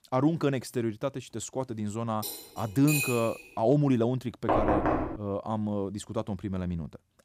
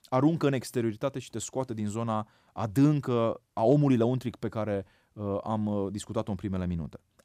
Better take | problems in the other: second | clattering dishes; loud; from 2 to 3.5 s; peak 1 dB above the speech // door banging; loud; at 4.5 s; peak 4 dB above the speech

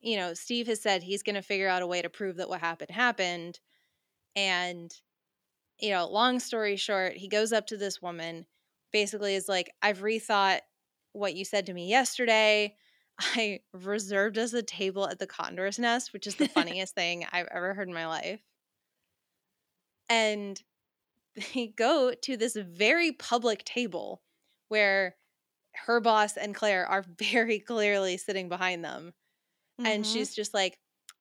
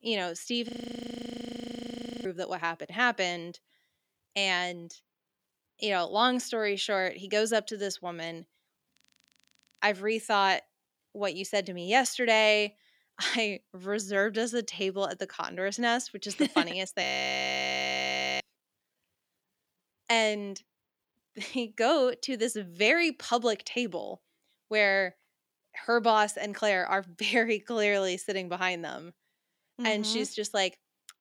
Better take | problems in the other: first | audio freezing; at 0.5 s for 1.5 s, at 9 s for 1 s and at 17 s for 1.5 s

